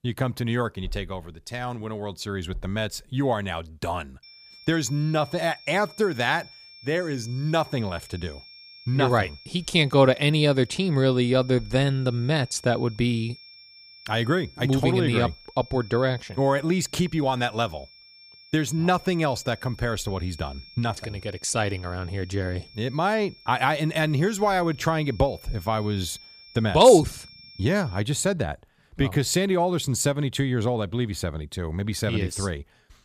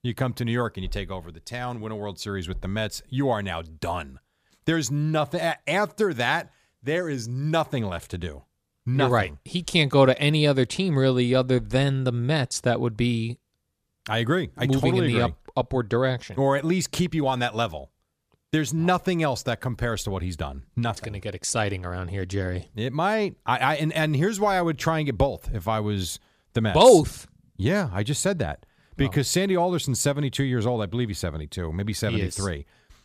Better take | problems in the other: second | high-pitched whine; faint; from 4 to 28 s; 5.5 kHz, 20 dB below the speech

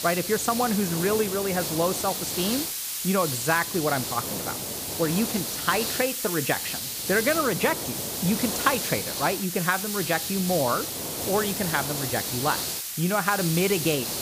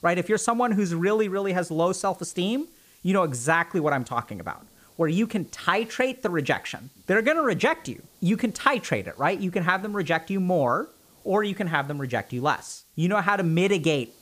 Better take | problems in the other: second | hiss; loud; throughout; 2 dB below the speech; faint in the second

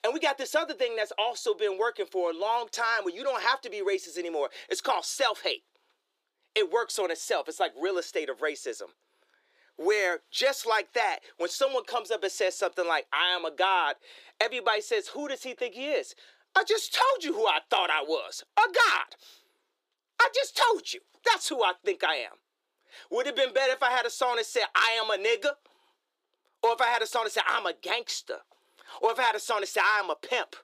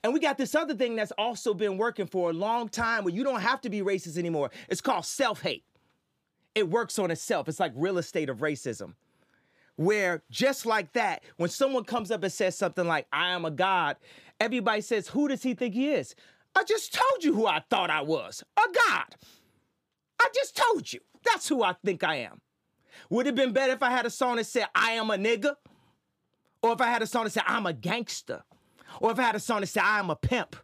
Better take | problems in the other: second | thin; very; fading below 350 Hz

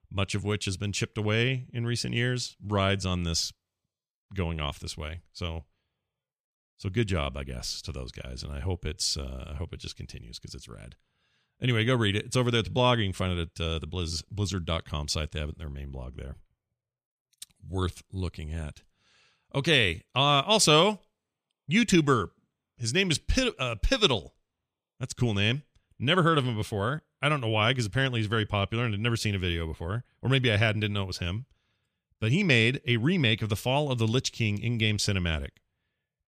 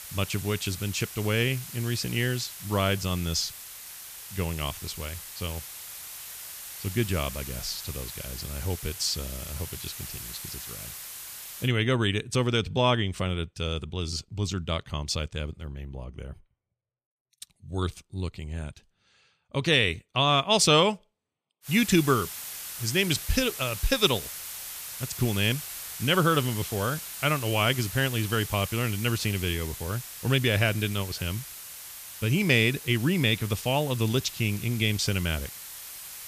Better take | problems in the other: first | hiss; noticeable; until 12 s and from 22 s on; 10 dB below the speech

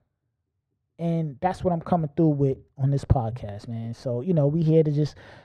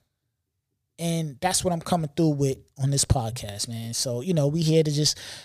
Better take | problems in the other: second | muffled; very; fading above 3 kHz

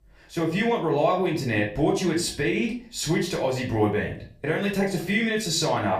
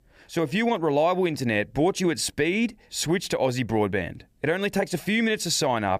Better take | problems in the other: second | off-mic speech; far // room echo; slight; dies away in 0.4 s

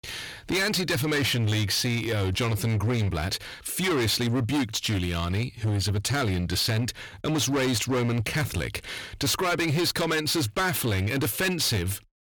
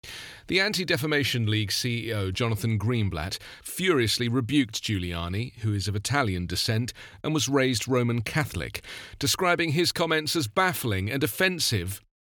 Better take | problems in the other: second | distortion; heavy; 23% of the sound clipped

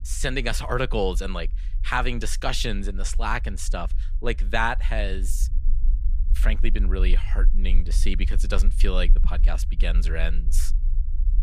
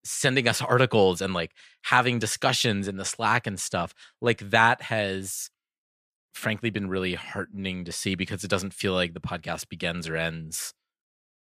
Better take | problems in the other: second | low rumble; faint; throughout; 20 dB below the speech

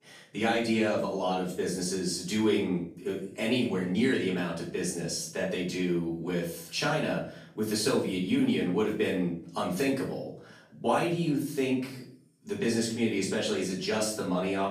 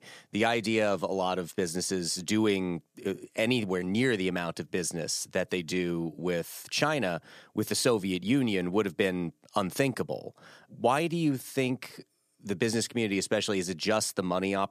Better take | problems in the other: second | off-mic speech; far // room echo; noticeable; dies away in 0.4 s

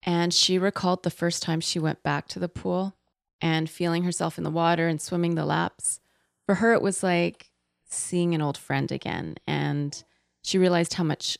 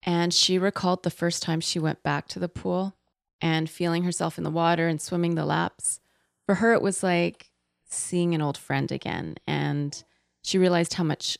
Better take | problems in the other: neither | none

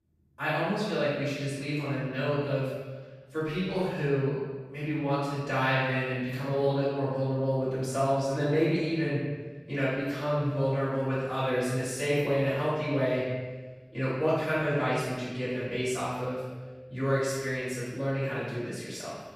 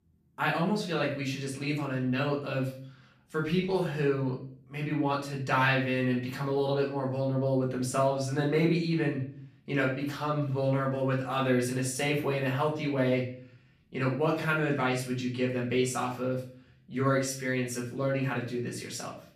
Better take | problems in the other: second | room echo; strong; dies away in 1.2 s; slight in the second // off-mic speech; far; far in the second

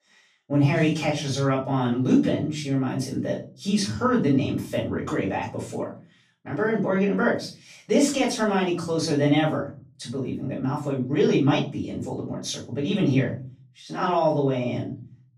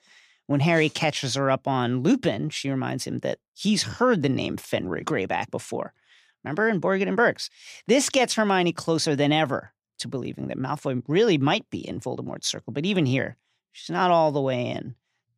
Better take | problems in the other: second | off-mic speech; far // room echo; slight; dies away in 0.4 s

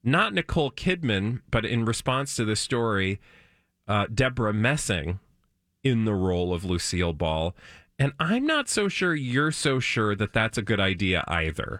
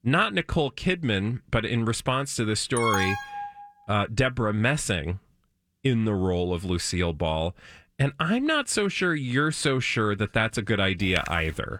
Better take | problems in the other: first | alarm; noticeable; at 3 s; peak 1 dB below the speech // keyboard typing; noticeable; at 11 s; peak 8 dB below the speech

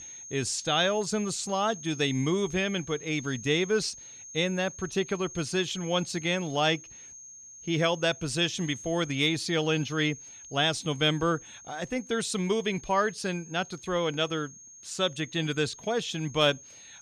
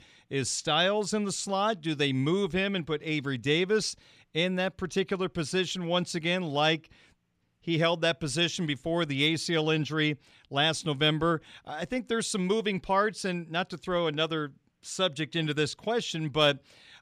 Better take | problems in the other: second | high-pitched whine; noticeable; throughout; 6.5 kHz, 15 dB below the speech

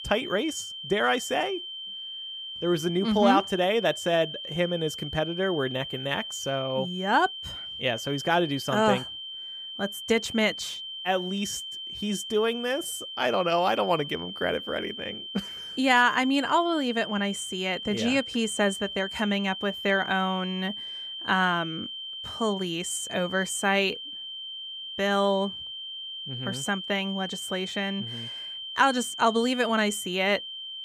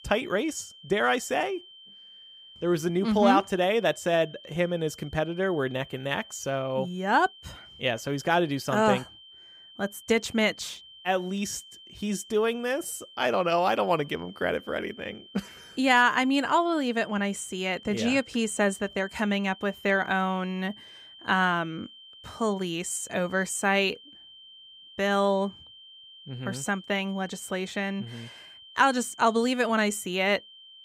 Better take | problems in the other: second | high-pitched whine; loud; throughout; 3 kHz, 8 dB below the speech; faint in the second

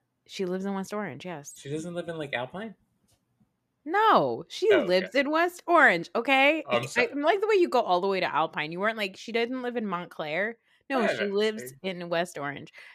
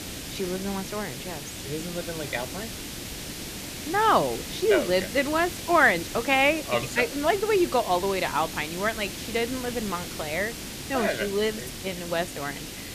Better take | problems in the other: first | hiss; loud; throughout; 9 dB below the speech

